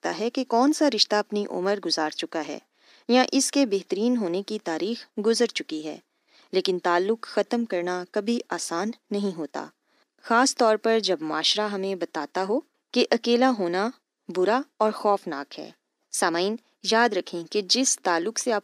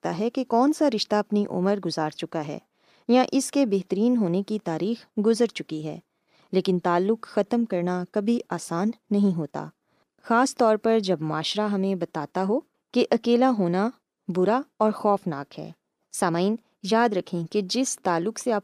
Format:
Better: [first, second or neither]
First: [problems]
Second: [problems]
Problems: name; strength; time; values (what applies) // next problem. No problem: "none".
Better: second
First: thin; very slightly; fading below 250 Hz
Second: none